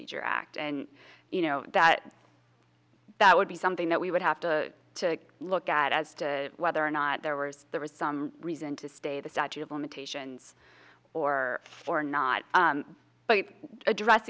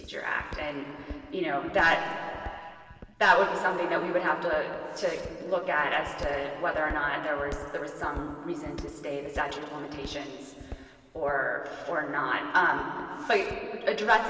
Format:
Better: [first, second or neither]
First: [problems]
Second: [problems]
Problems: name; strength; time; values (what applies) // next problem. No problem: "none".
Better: first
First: none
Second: background sound (Walk, footsteps); 17 dB below the speech // room echo; dies away in 2.6 s